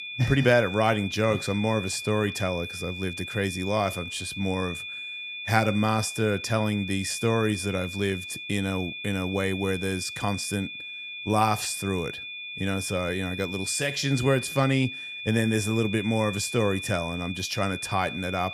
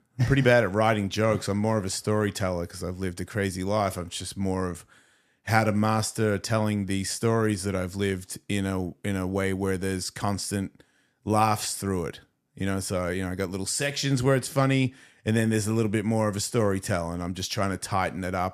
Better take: second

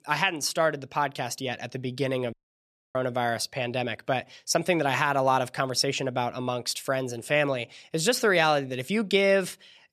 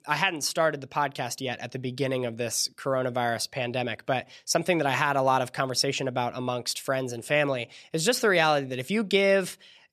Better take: second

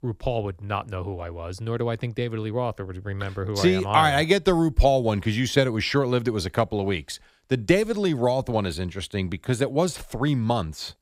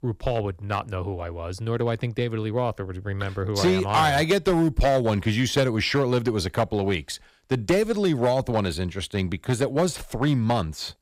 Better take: first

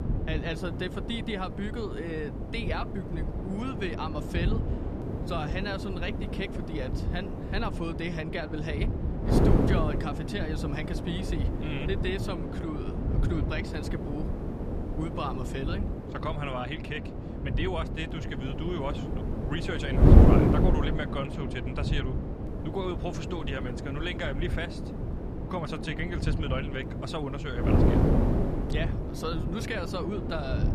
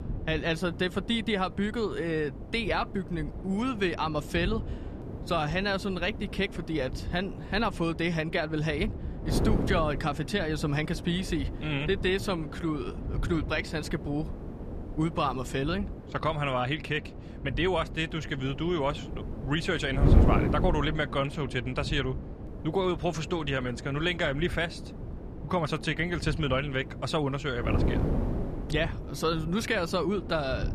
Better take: second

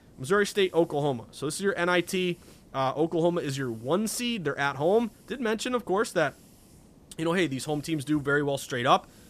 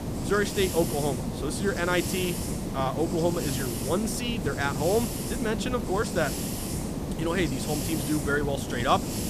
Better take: first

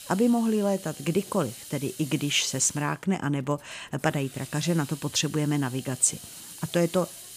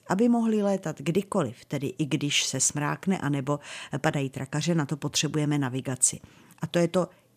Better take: second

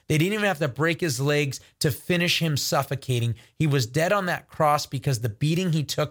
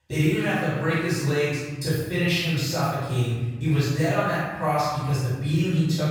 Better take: first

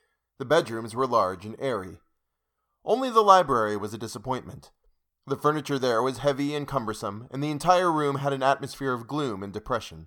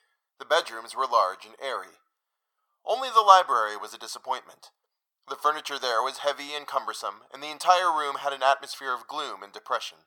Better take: first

